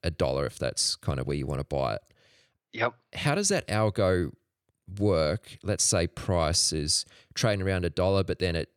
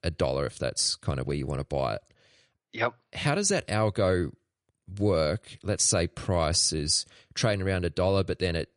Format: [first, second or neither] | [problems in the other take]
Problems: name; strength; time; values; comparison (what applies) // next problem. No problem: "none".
first | garbled, watery; slightly; nothing above 10 kHz